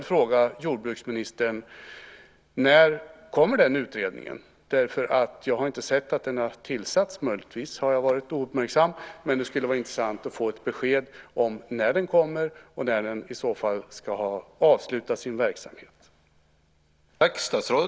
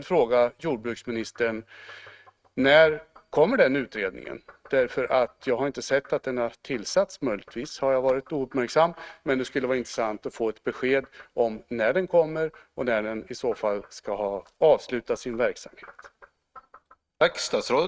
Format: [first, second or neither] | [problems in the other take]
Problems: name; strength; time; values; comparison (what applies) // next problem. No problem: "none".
first | noise reduction (neural mask model RNNoise)